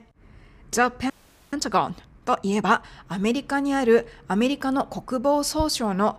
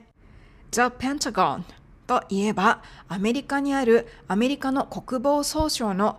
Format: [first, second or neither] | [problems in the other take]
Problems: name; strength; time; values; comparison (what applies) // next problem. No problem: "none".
second | audio freezing; at 1 s